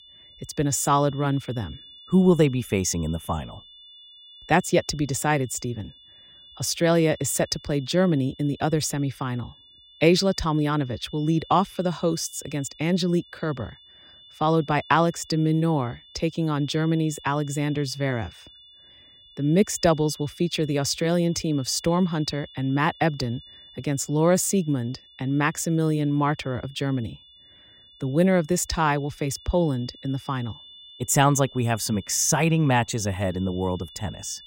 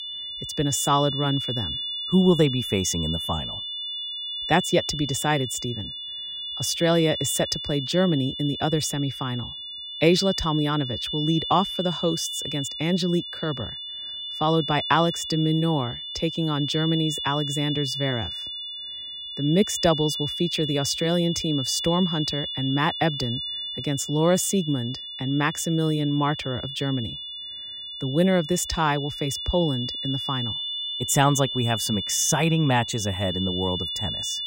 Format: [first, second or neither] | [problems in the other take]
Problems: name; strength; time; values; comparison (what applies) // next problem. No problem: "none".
first | high-pitched whine; loud; throughout; 3.5 kHz, 5 dB below the speech; faint in the first